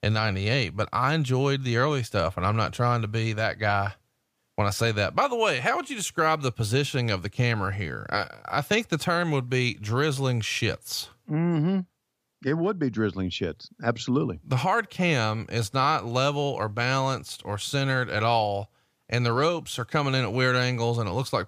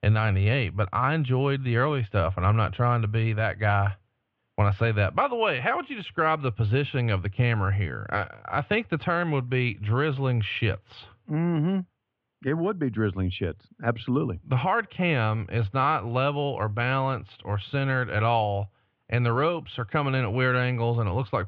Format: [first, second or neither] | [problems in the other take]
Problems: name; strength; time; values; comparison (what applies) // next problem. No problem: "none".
first | muffled; very; fading above 3 kHz